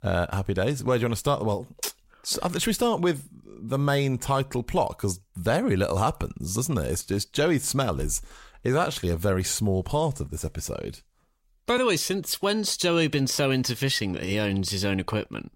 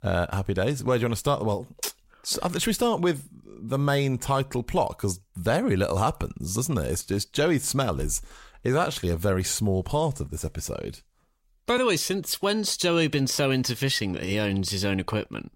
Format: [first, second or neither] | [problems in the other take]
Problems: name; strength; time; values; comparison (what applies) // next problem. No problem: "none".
neither | none